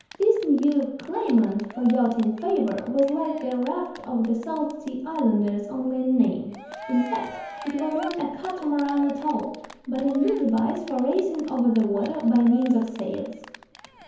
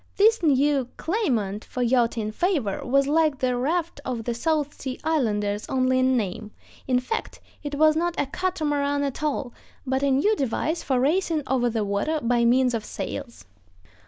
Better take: second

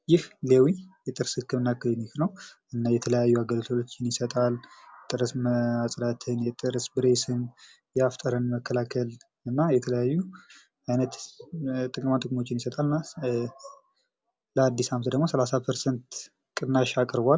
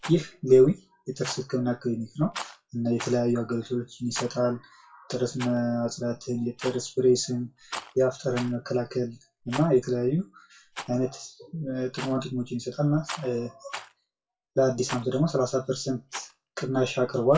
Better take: first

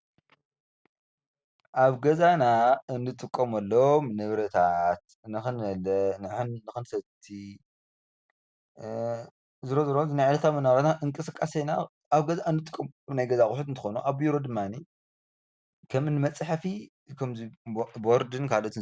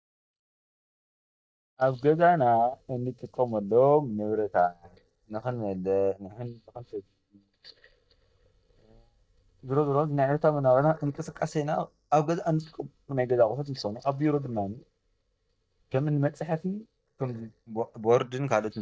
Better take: first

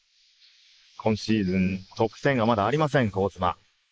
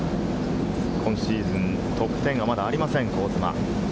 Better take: second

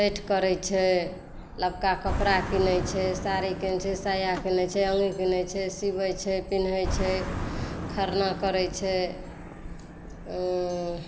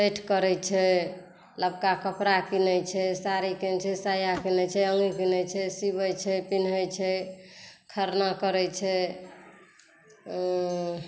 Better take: second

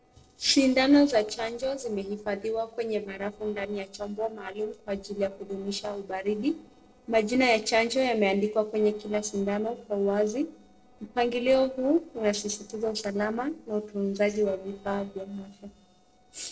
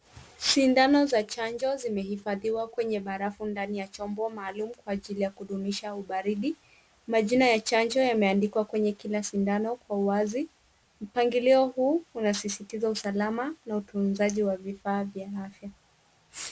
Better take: second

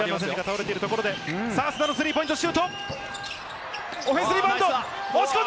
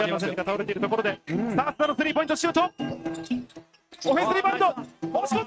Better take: first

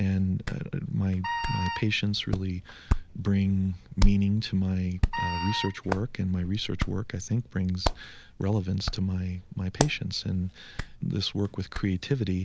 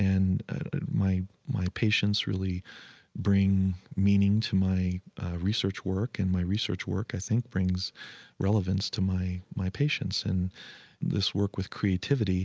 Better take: second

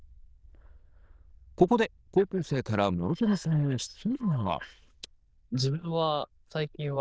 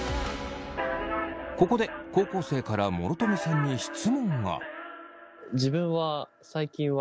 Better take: second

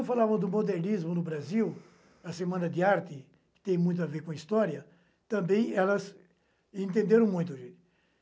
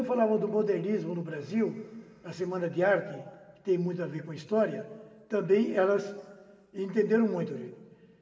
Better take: first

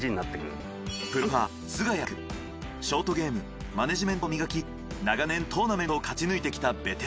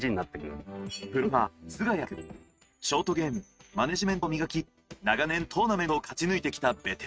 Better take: first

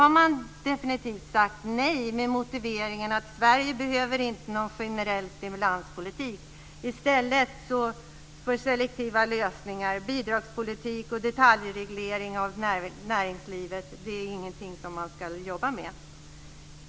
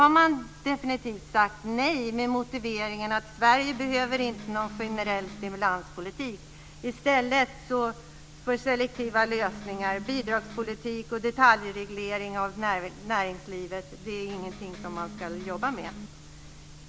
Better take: first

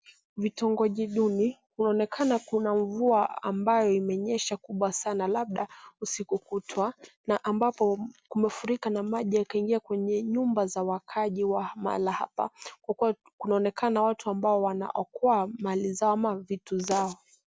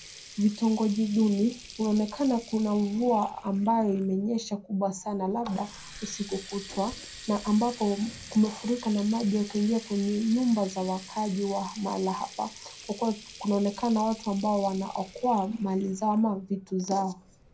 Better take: first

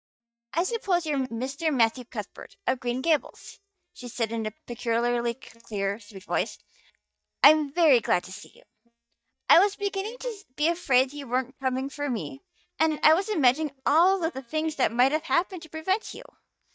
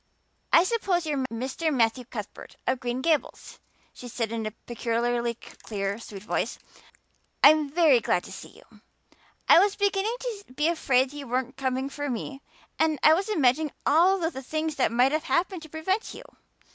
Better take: second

